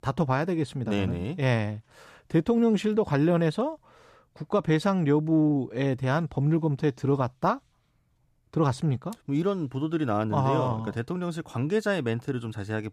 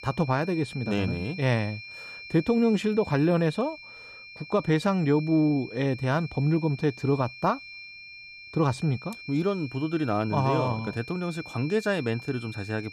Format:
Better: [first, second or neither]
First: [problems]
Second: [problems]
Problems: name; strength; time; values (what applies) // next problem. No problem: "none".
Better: first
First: none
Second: high-pitched whine; noticeable; throughout; 2.5 kHz, 15 dB below the speech